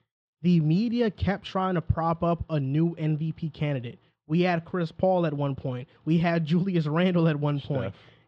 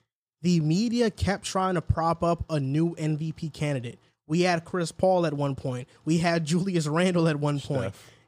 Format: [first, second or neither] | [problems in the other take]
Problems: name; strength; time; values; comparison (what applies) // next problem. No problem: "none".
second | muffled; slightly; fading above 3.5 kHz